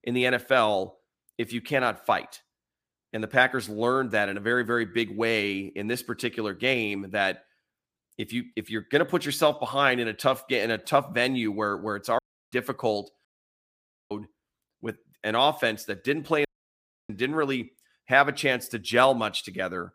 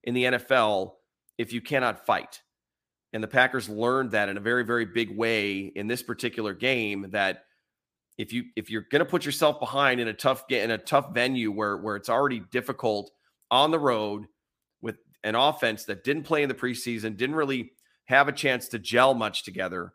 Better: second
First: audio cutting out; at 12 s, at 13 s for 1 s and at 16 s for 0.5 s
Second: none

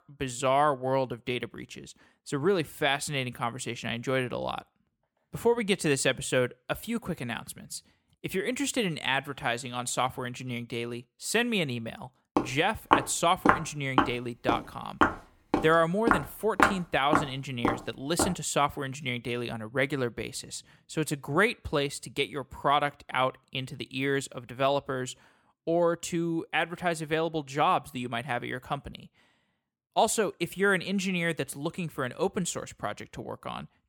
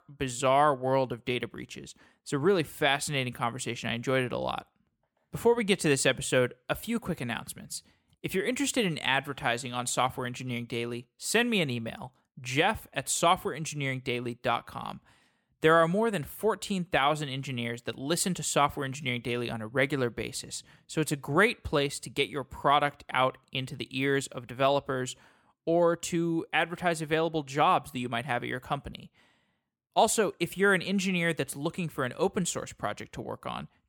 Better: second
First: footsteps; loud; from 12 to 18 s; peak 4 dB above the speech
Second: none

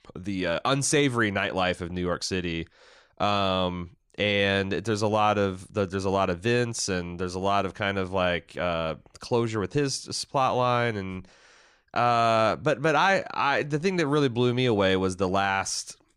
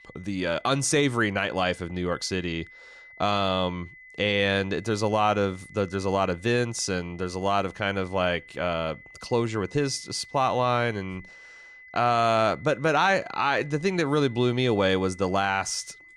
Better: first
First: none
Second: high-pitched whine; faint; throughout; 2 kHz, 20 dB below the speech

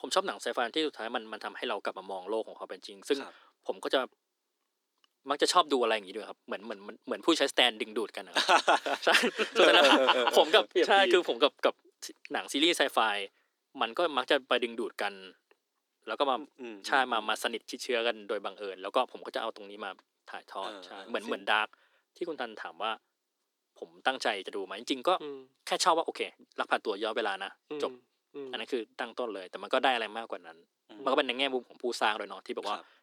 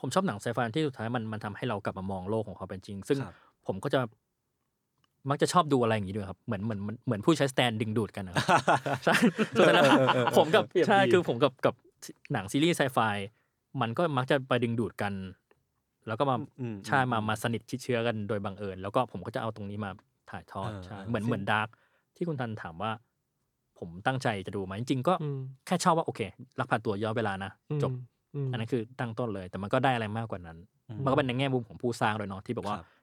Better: second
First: thin; somewhat; fading below 300 Hz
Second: none

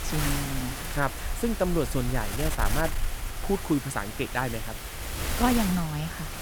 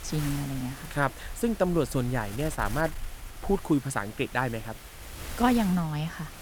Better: second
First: wind noise on the microphone; heavy; 4 dB below the speech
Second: wind noise on the microphone; occasional gusts; 15 dB below the speech

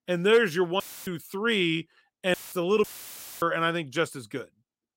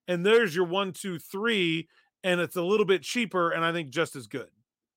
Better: second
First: audio cutting out; filled with static; at 1 s, at 2.5 s and at 3 s for 0.5 s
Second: none

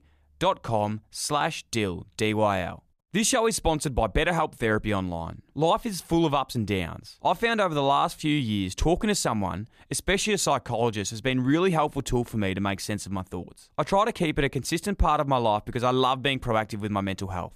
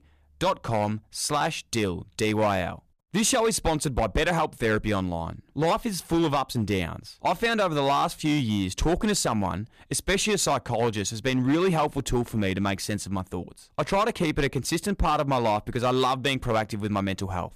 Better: first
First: none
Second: distortion; slight; 6% of the sound clipped

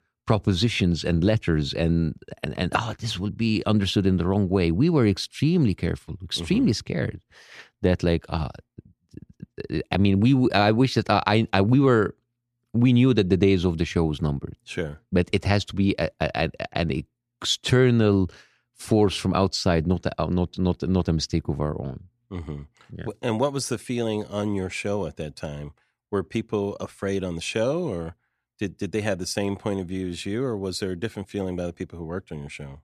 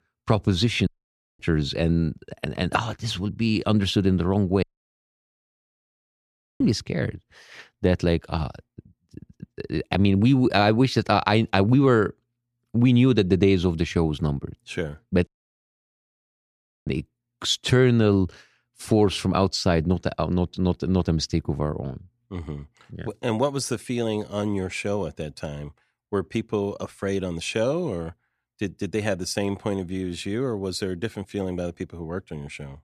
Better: first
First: none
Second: audio cutting out; at 1 s for 0.5 s, at 4.5 s for 2 s and at 15 s for 1.5 s

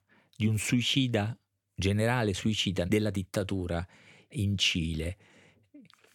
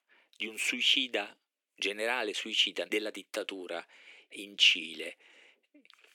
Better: first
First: none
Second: thin; very; fading below 300 Hz

